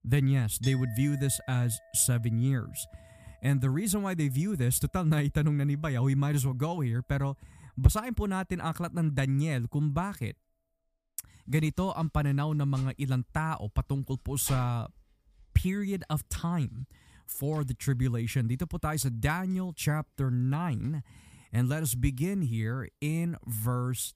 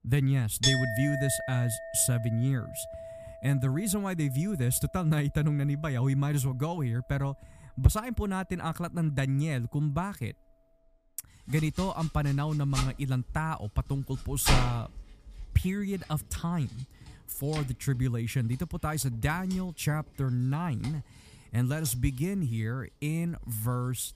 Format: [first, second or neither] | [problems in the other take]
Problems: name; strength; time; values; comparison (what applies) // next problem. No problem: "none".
first | household noises; loud; throughout; 6 dB below the speech; faint in the first